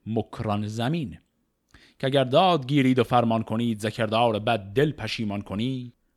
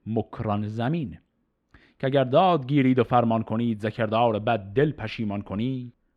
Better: first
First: none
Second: muffled; slightly; fading above 4 kHz

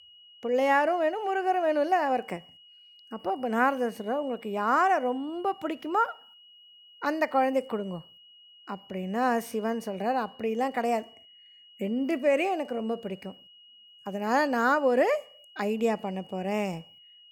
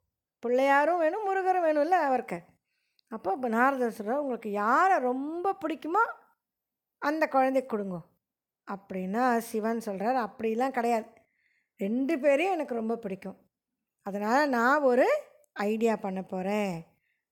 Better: second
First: high-pitched whine; faint; throughout; 3 kHz, 25 dB below the speech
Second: none

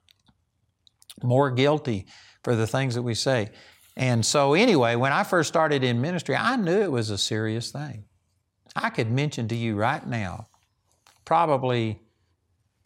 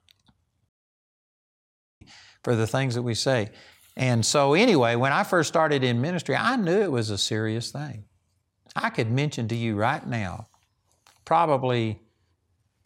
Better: first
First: none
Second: audio cutting out; at 0.5 s for 1.5 s

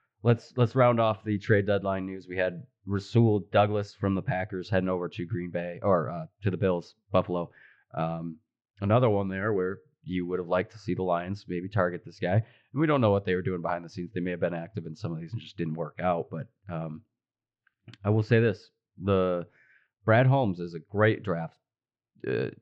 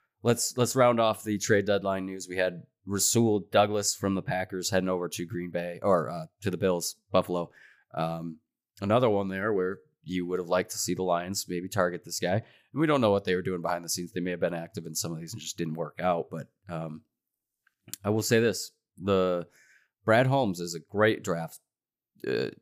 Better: second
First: muffled; very; fading above 3 kHz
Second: none

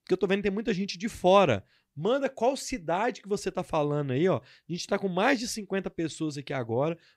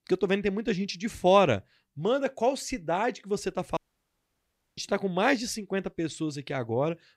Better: first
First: none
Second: audio cutting out; at 4 s for 1 s

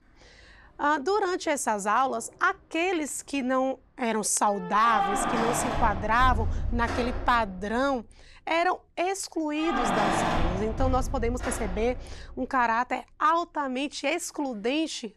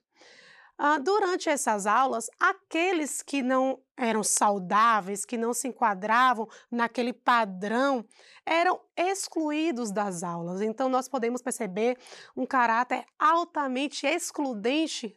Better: second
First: household noises; loud; throughout; 3 dB below the speech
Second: none

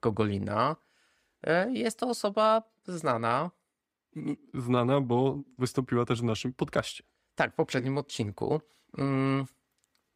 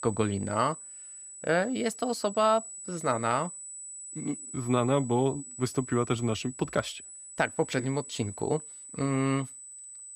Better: first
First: none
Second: high-pitched whine; noticeable; throughout; 8 kHz, 10 dB below the speech

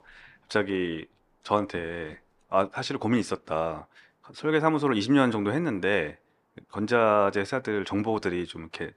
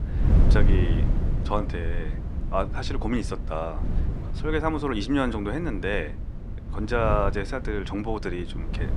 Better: first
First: none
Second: wind noise on the microphone; occasional gusts; 10 dB below the speech

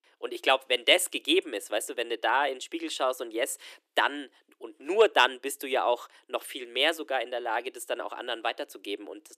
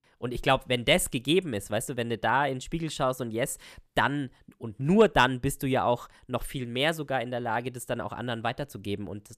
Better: second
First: thin; very; fading below 300 Hz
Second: none

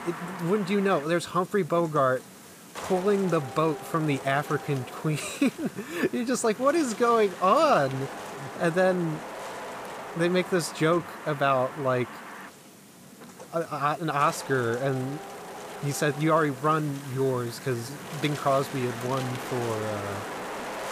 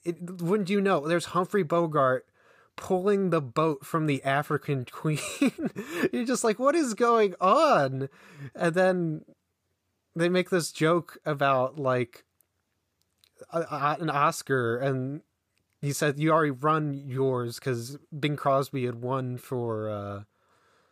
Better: second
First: wind noise on the microphone; occasional gusts; 10 dB below the speech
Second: none

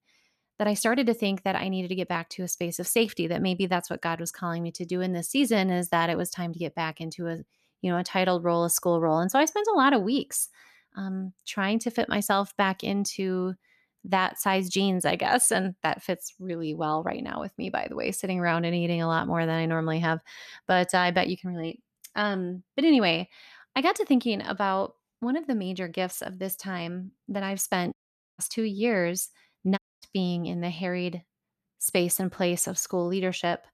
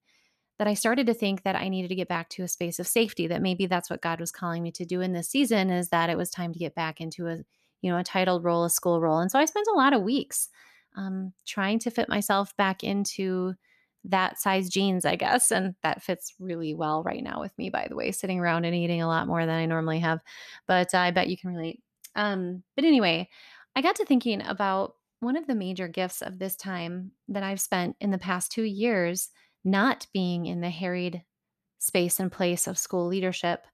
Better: second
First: audio cutting out; at 28 s and at 30 s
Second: none

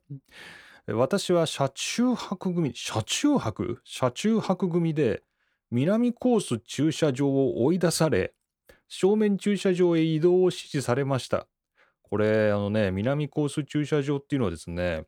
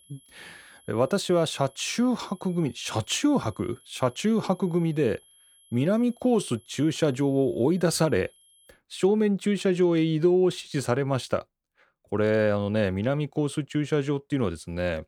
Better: first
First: none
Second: high-pitched whine; faint; until 8.5 s; 11 kHz, 30 dB below the speech

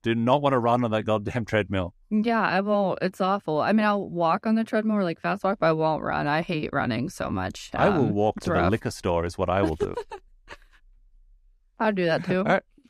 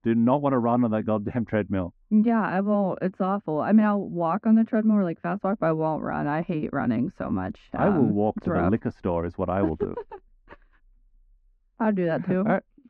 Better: first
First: none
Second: muffled; very; fading above 1.5 kHz

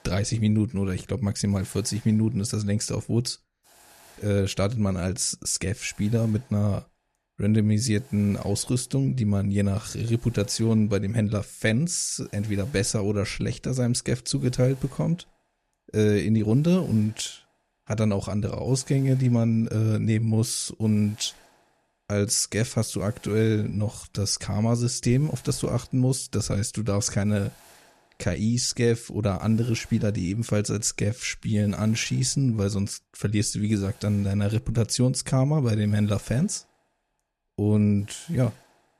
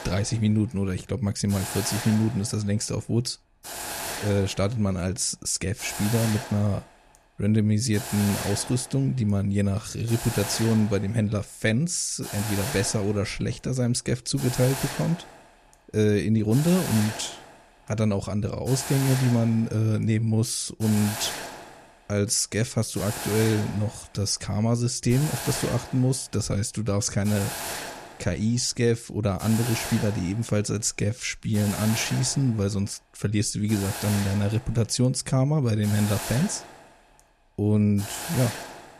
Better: first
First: hiss; faint; throughout; 30 dB below the speech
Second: hiss; loud; throughout; 8 dB below the speech

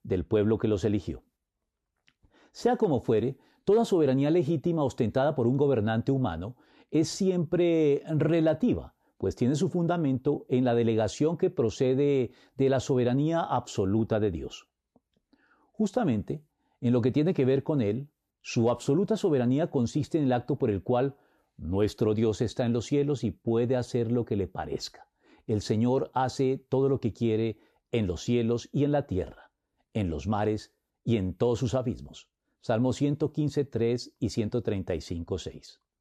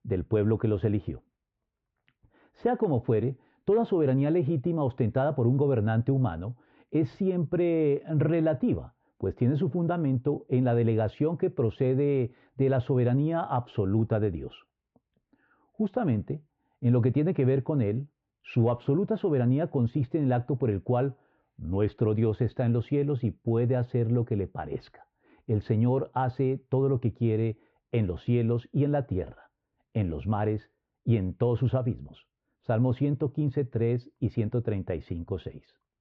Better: first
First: none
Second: muffled; very; fading above 2.5 kHz

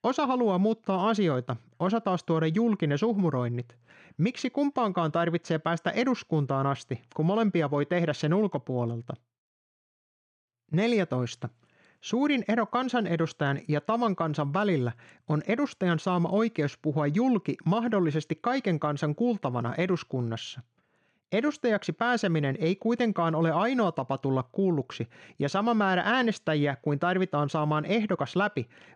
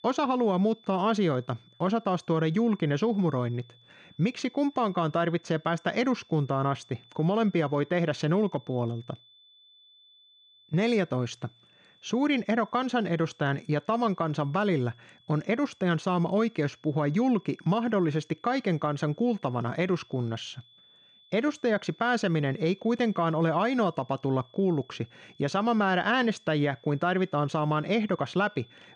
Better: first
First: none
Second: high-pitched whine; faint; throughout; 3.5 kHz, 30 dB below the speech

